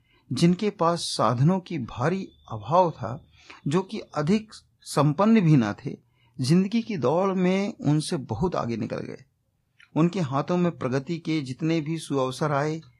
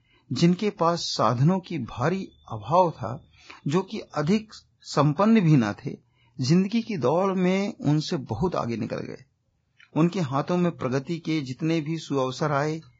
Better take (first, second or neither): first